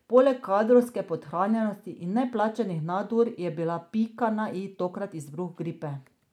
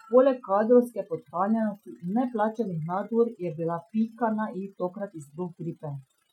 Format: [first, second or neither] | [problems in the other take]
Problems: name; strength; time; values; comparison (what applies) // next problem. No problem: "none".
first | noise reduction (classical method Wiener filter)